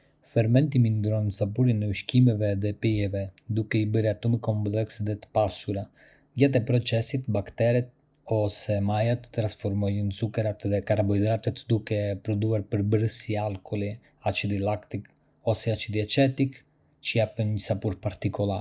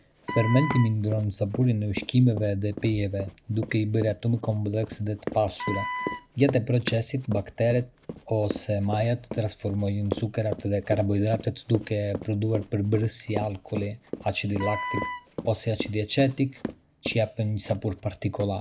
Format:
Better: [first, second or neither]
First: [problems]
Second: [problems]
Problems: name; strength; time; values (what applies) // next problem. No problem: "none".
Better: first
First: none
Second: background sound (Wind instrument, woodwind instrument + Run); 10 dB below the speech